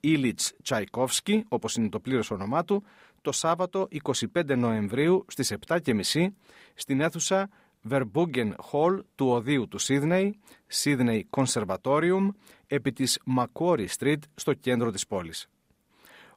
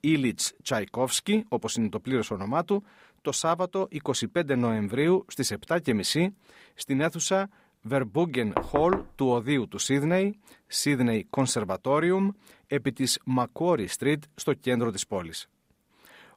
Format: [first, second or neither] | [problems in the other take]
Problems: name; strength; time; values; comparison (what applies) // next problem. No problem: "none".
first | door banging; noticeable; at 8.5 s; peak 4 dB below the speech